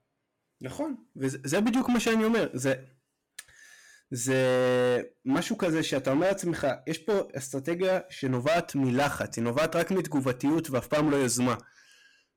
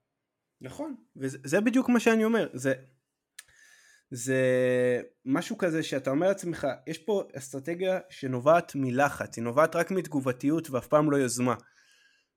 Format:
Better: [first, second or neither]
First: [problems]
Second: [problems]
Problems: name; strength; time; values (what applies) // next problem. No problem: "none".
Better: second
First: distortion; heavy; 14% of the sound clipped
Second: none